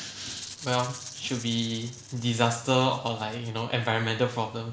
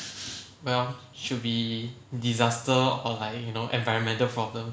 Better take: second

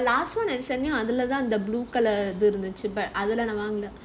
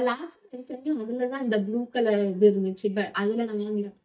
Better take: first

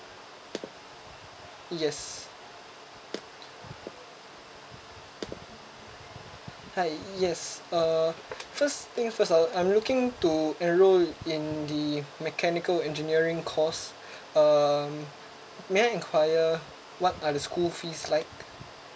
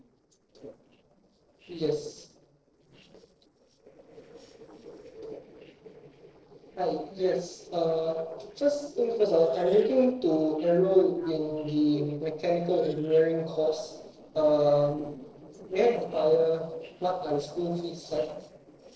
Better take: first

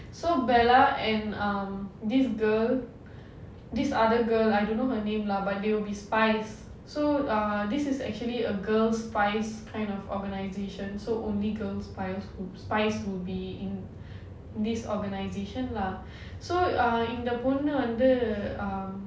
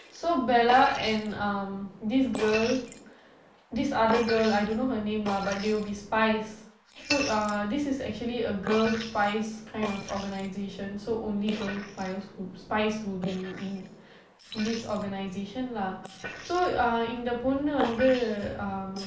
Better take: first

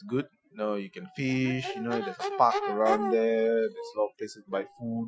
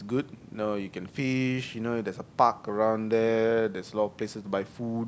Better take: second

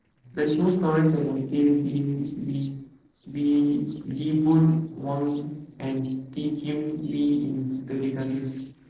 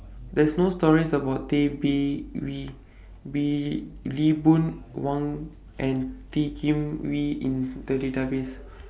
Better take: second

